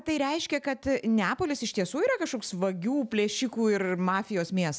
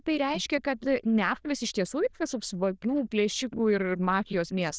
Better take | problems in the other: first | noise reduction (neural diffusion model UNIVERSE++)

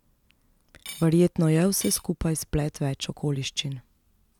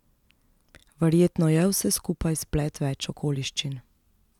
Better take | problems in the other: second | background sound (Cutlery, silverware / Dishes, pots, and pans); 17 dB below the speech

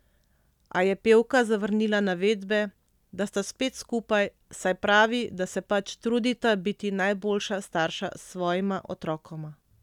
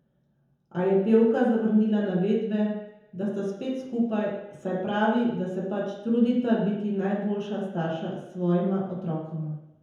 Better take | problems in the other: first | room echo; dies away in 0.9 s

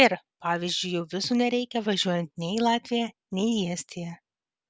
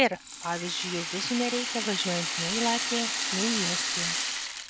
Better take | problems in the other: first | background sound (Rattle (instrument)); as loud as the speech

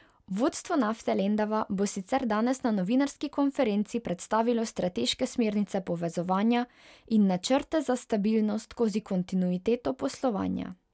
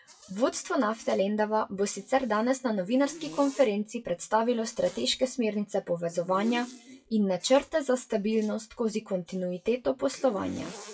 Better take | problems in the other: first | noise reduction (classical method WPE with log-MMSE)

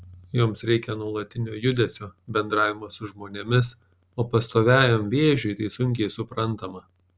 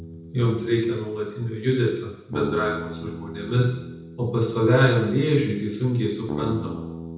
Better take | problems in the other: first | background sound (Bass guitar); 12 dB below the speech // room echo; dies away in 0.8 s

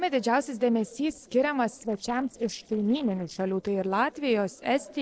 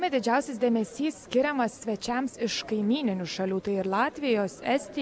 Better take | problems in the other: second | noise reduction (neural separator model SepFormer DNS4)

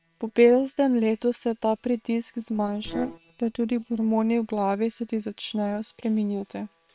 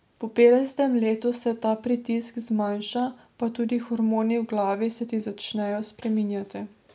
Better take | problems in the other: second | noise reduction (neural separator model SepFormer WHAM!)

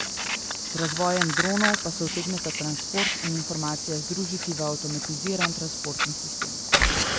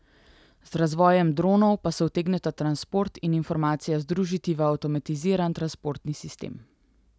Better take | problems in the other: second | background sound (Cricket + Fire); 2 dB above the speech

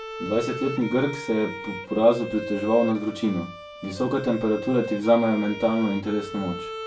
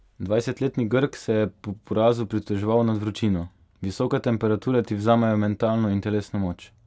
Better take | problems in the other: second | background sound (Bowed string instrument); 10 dB below the speech // room echo; dies away in 0.3 s

